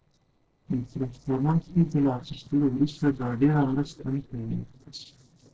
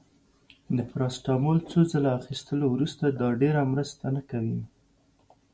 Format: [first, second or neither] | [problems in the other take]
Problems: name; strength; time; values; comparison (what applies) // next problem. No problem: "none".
second | noise reduction (neural separator model SepFormer DNS4)